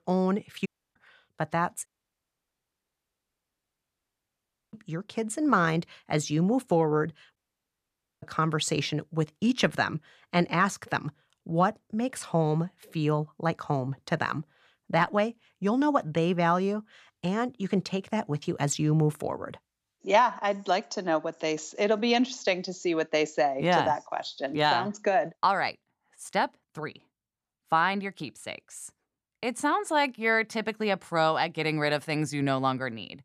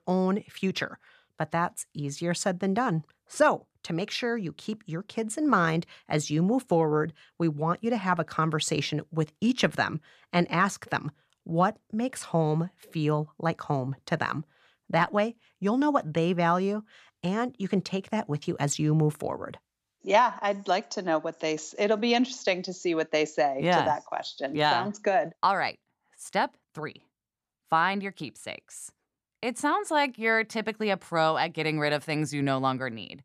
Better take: second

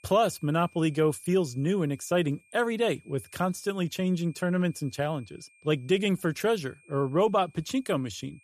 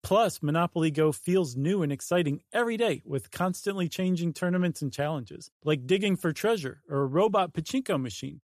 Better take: second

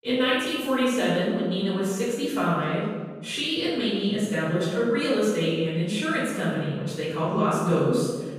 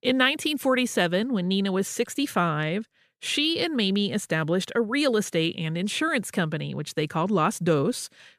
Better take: second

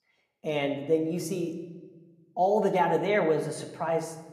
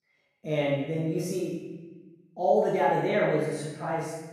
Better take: first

